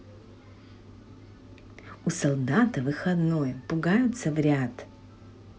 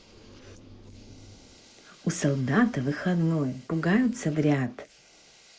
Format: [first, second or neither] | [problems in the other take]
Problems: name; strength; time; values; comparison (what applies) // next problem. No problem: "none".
first | noise reduction (neural mask model Resemble Enhance denoiser)